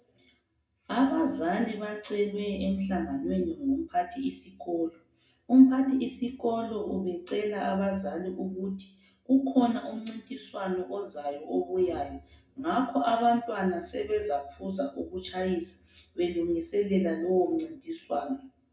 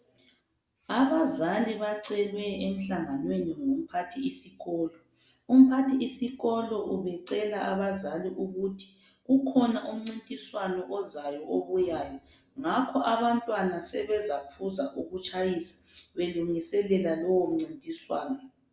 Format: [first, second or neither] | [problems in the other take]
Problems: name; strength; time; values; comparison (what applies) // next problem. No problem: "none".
second | room echo; dies away in 0.2 s